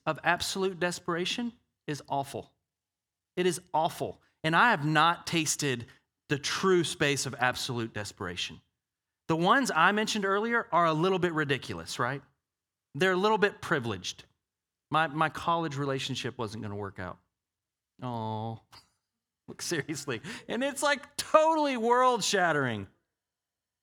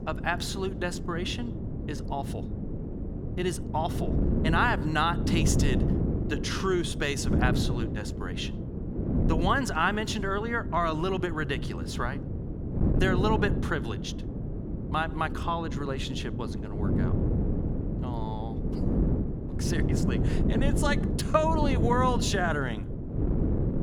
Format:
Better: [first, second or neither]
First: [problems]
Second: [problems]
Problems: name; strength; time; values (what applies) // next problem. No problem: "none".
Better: first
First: none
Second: wind noise on the microphone; heavy; 8 dB below the speech